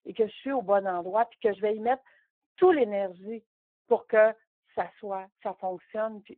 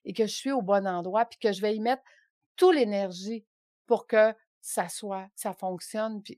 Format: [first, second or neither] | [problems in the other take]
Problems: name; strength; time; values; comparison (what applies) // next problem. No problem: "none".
second | phone-call audio; poor line